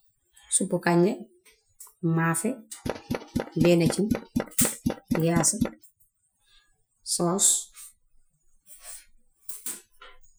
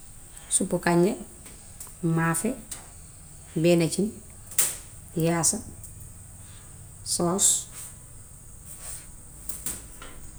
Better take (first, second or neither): second